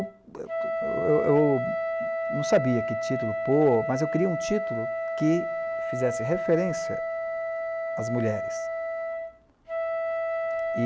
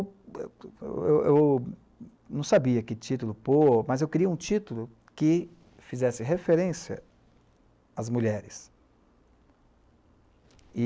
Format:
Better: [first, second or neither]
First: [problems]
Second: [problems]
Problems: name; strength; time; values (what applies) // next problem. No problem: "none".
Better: second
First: background sound (Wind instrument, woodwind instrument); 1 dB below the speech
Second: none